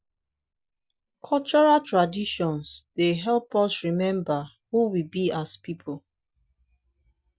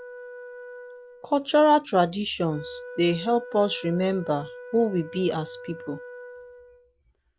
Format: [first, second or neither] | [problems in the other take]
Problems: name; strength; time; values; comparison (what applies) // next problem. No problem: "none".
first | background sound (Wind instrument, woodwind instrument); 16 dB below the speech